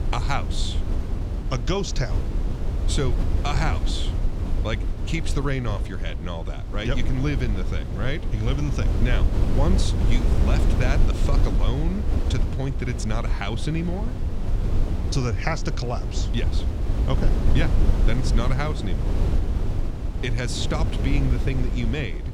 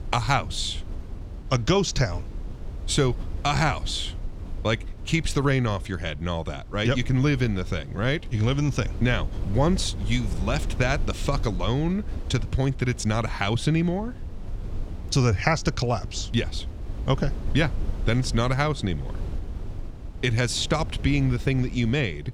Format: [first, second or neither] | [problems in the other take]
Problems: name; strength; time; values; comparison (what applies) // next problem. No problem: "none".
second | wind noise on the microphone; heavy; 5 dB below the speech; occasional gusts in the second